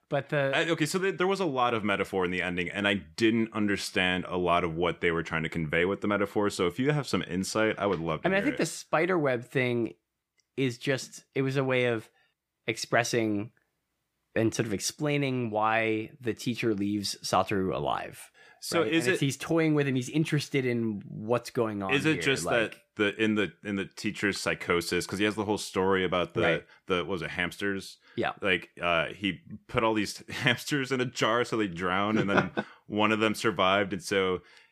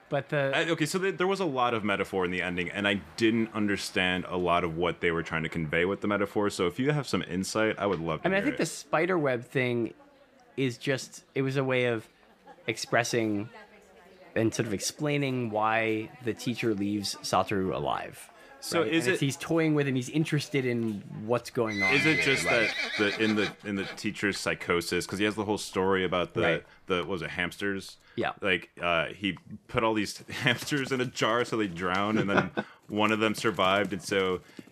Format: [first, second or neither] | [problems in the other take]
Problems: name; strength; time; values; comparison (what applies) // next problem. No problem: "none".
first | animal sounds; loud; throughout; 5 dB below the speech